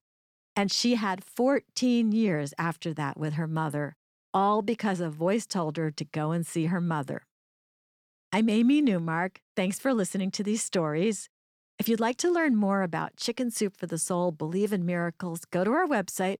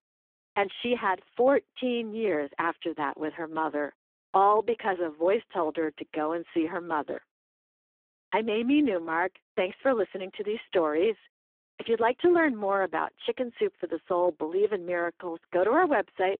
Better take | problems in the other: first | phone-call audio; poor line

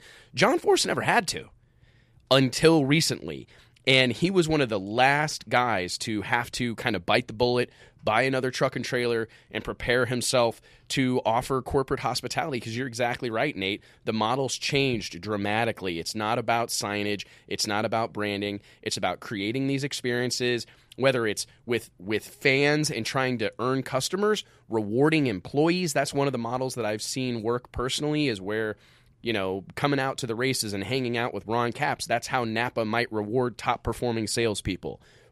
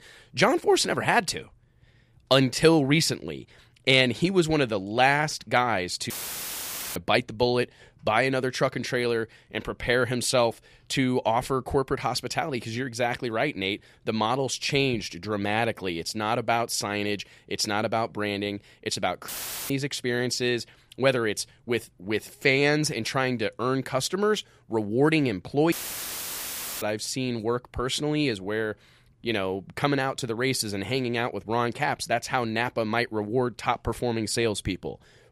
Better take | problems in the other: first | audio cutting out; filled with static; at 6 s for 1 s, at 19 s and at 26 s for 1 s

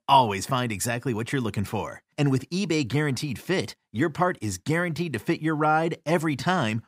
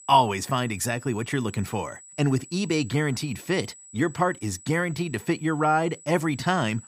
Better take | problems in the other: first | high-pitched whine; noticeable; throughout; 8 kHz, 20 dB below the speech

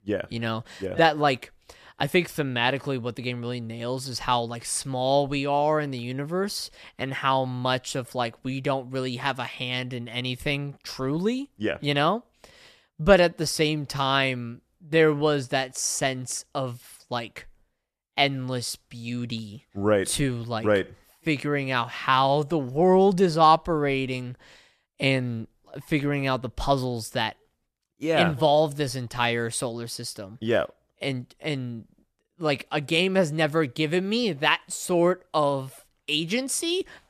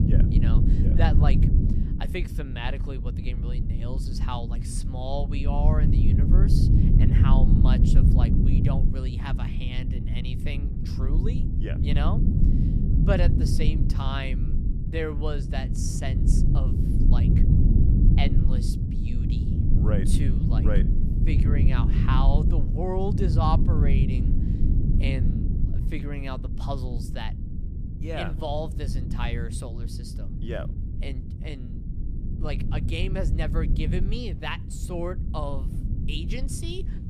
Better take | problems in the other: first | low rumble; loud; throughout; 2 dB below the speech

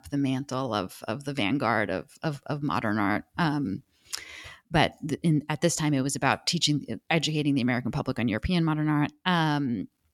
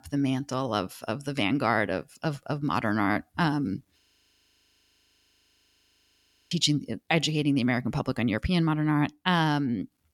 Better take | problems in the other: first | audio freezing; at 4 s for 2.5 s

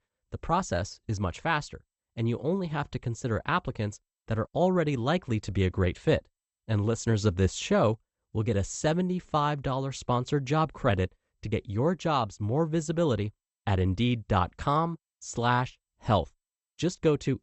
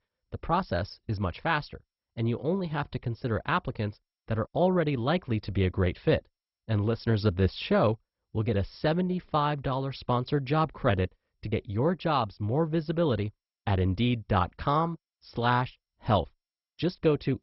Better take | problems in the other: first | garbled, watery; badly; nothing above 5.5 kHz; slightly in the first

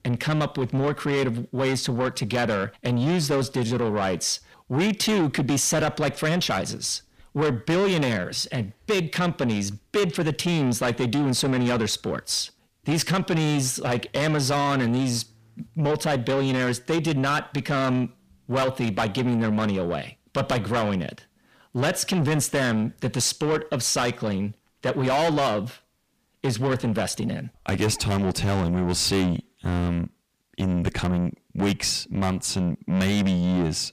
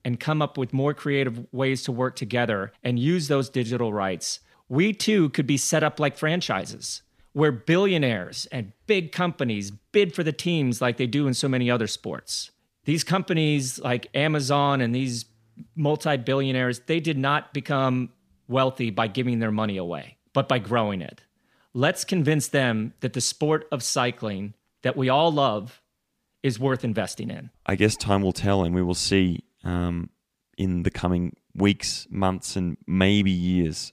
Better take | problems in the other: second | distortion; heavy; 6 dB below the speech

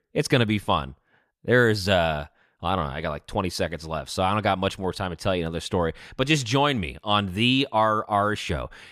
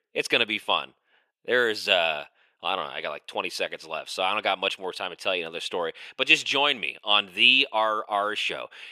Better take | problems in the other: first | thin; somewhat; fading below 450 Hz

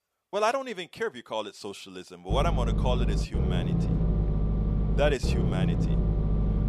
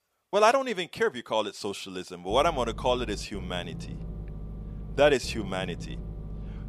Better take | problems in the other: second | low rumble; loud; from 2.5 s on; 6 dB below the speech; faint in the second

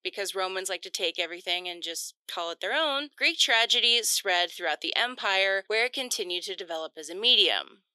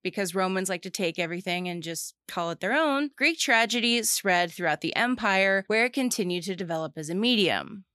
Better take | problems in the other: second | thin; very; fading below 400 Hz

